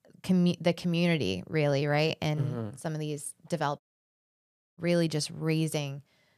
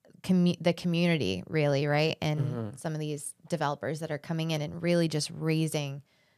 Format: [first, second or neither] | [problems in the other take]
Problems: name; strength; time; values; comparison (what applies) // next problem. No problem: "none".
second | audio cutting out; at 4 s for 1 s